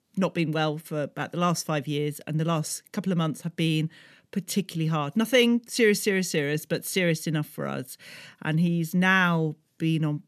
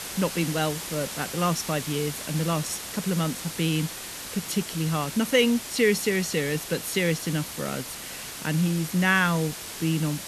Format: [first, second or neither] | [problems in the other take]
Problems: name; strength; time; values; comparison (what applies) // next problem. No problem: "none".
first | hiss; loud; throughout; 8 dB below the speech